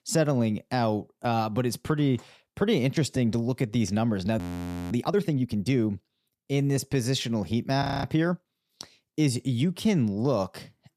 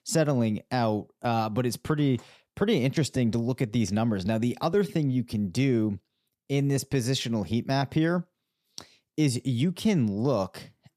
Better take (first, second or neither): second